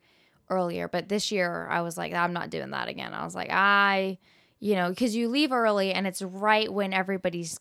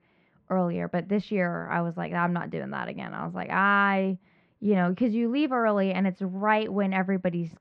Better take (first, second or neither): first